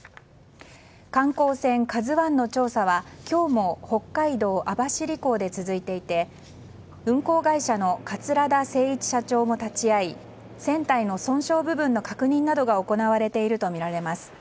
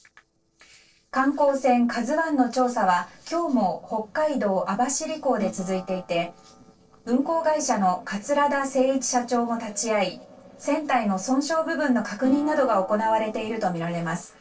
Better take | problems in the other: first | noise reduction (neural separator model SepFormer DNS4)

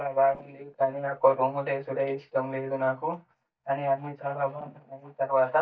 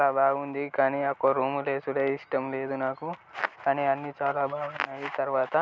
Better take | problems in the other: second | noise reduction (neural mask model DeepFilterNet 3)

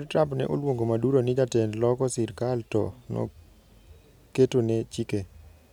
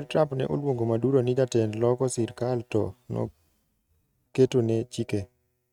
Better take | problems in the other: first | noise reduction (neural mask model RNNoise)

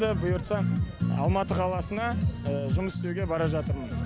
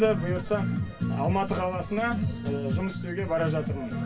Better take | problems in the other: first | room echo; dies away in 0.2 s

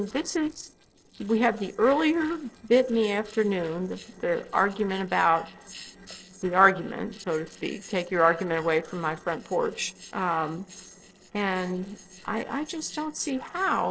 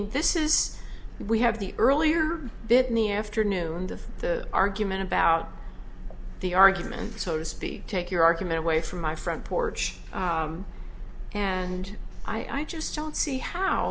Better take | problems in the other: second | noise reduction (neural separator model SepFormer DNS4)

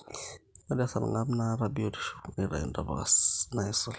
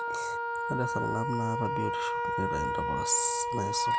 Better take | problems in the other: first | background sound (Wind instrument, woodwind instrument); 2 dB above the speech

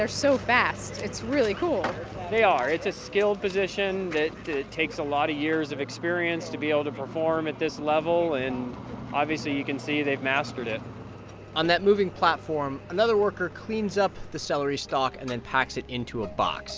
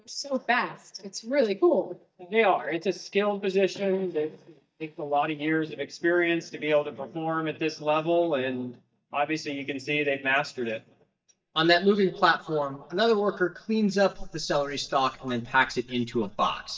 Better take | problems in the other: first | noise reduction (neural mask model DeepFilterNet 3)

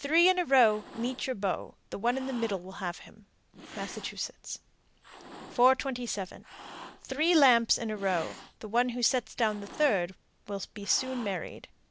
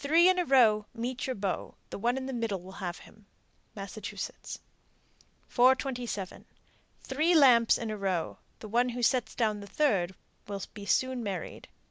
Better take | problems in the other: second | background sound (Cat); 19 dB below the speech

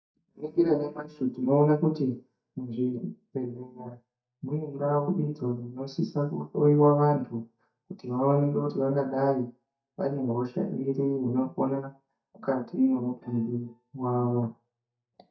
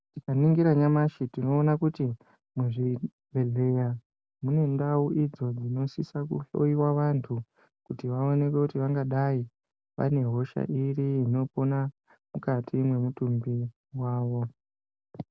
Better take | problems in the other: second | noise reduction (neural mask model DeepFilterNet 3)

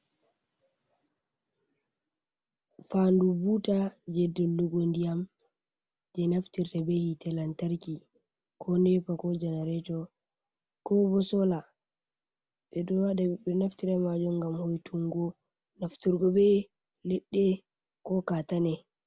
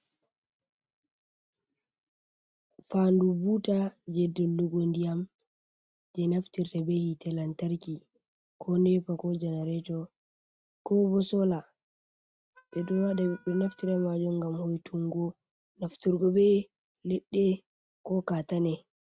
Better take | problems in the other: first | noise reduction (neural mask model RNNoise)

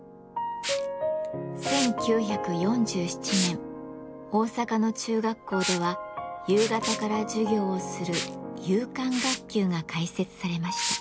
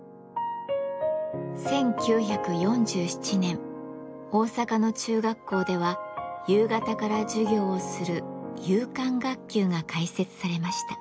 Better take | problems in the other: second | background sound (Liquid); 10 dB below the speech

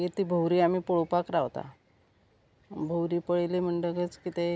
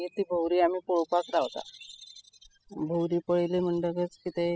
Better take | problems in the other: first | noise reduction (classical method spectral subtraction)

